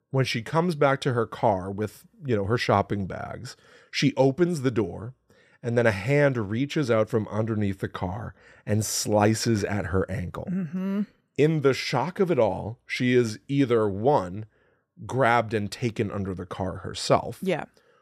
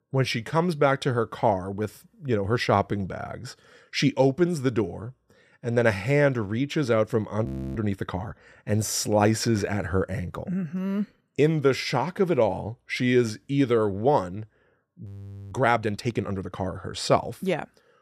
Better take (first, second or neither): first